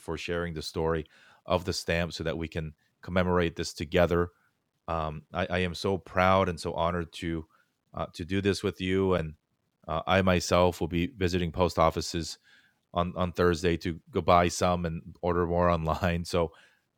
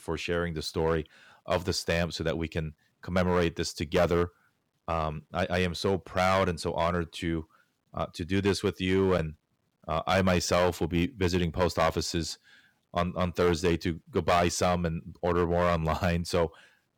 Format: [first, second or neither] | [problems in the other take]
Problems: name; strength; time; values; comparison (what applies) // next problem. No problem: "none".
first | distortion; slight; 4% of the sound clipped